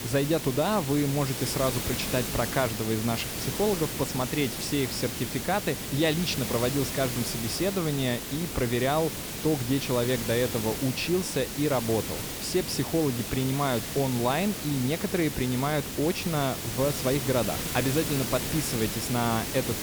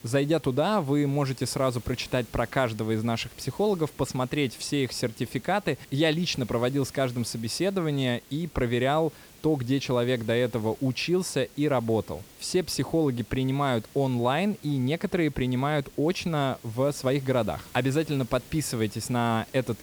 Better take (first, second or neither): second